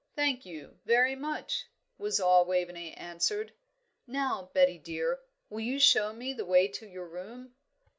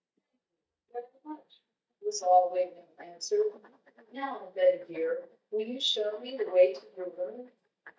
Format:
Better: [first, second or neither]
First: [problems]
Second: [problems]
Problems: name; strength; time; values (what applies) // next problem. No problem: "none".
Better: first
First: none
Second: noise reduction (neural mask model DeepFilterNet 3)